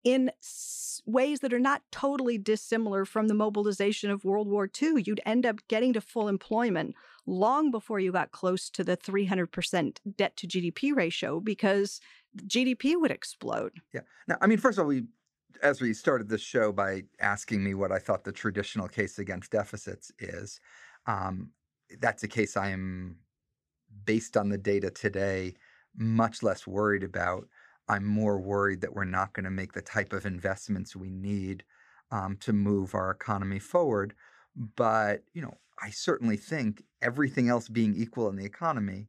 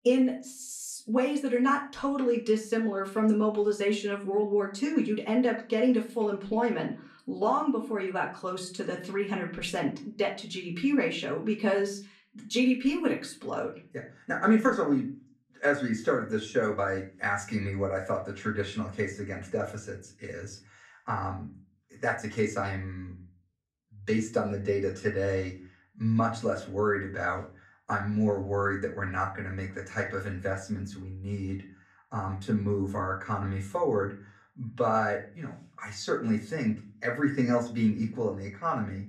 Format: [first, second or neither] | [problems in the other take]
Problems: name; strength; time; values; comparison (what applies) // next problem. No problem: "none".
first | off-mic speech; far // room echo; very slight; dies away in 0.3 s